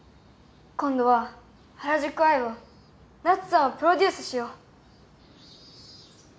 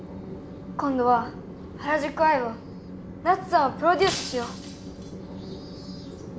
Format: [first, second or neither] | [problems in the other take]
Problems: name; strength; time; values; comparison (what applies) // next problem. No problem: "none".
first | background sound (Train + Shatter); 10 dB below the speech